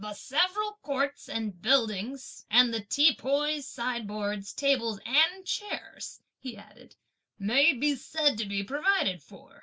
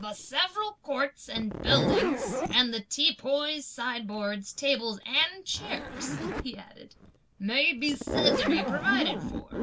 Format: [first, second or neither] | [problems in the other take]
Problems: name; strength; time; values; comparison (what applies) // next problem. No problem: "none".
first | background sound (Zipper (clothing)); 3 dB below the speech